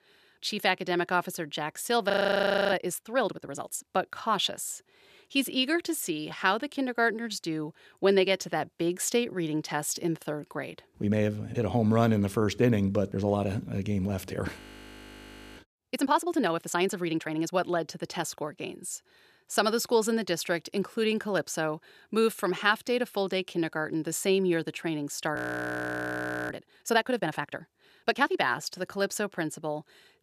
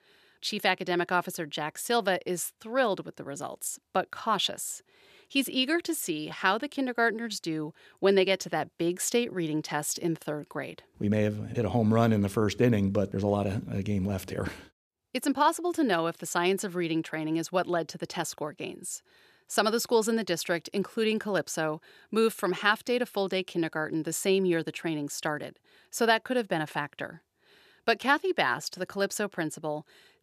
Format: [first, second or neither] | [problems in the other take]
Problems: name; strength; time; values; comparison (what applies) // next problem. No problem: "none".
second | audio freezing; at 2 s for 0.5 s, at 15 s for 1 s and at 25 s for 1 s